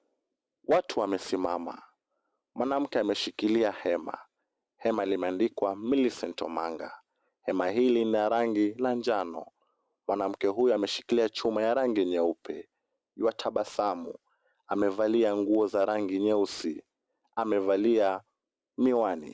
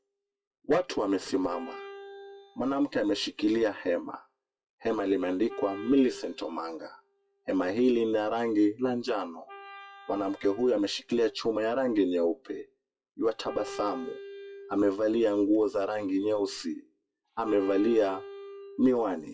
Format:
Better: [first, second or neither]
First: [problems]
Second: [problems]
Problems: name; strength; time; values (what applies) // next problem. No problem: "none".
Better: first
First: none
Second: noise reduction (classical method WPE with log-MMSE)